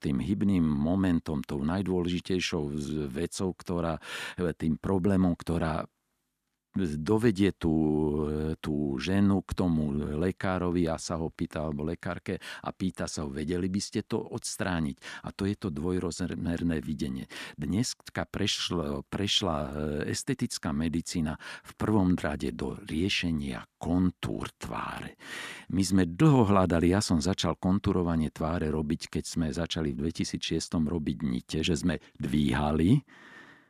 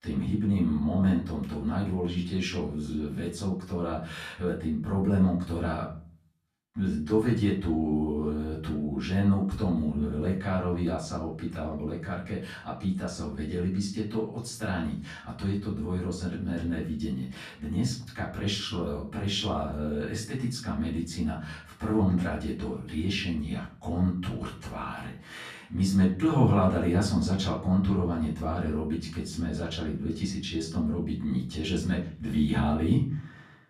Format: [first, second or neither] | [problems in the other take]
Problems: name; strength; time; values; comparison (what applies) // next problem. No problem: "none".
first | off-mic speech; far // room echo; slight; dies away in 0.5 s